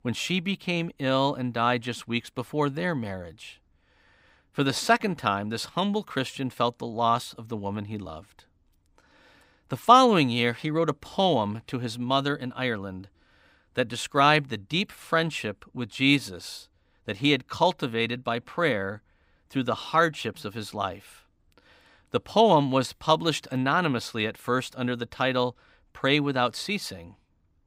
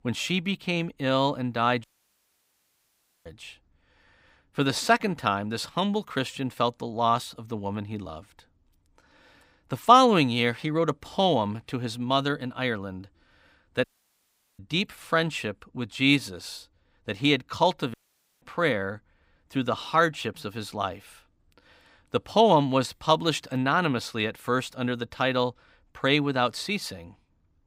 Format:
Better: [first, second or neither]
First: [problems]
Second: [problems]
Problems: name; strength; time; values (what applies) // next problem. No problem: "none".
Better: first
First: none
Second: audio cutting out; at 2 s for 1.5 s, at 14 s for 1 s and at 18 s